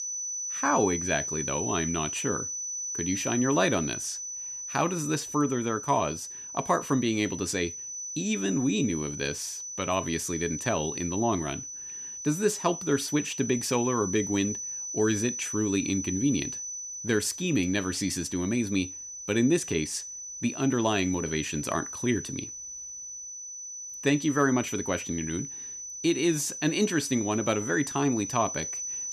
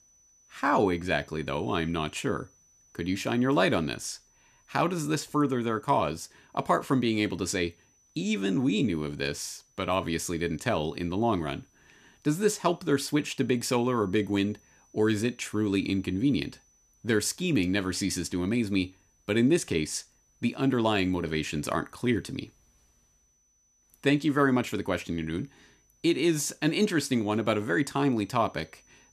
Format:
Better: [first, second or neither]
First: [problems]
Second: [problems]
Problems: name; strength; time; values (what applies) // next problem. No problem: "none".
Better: second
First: high-pitched whine; loud; throughout; 6 kHz, 6 dB below the speech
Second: high-pitched whine; faint; throughout; 6 kHz, 35 dB below the speech